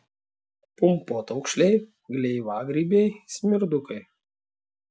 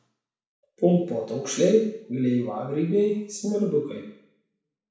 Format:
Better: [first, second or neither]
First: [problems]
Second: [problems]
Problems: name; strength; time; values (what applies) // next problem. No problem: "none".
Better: first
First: none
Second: room echo; dies away in 0.6 s